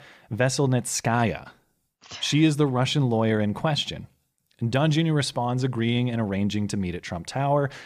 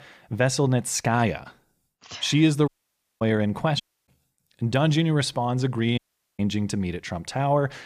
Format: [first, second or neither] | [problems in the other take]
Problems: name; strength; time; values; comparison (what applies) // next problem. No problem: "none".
first | audio cutting out; at 2.5 s for 0.5 s, at 4 s and at 6 s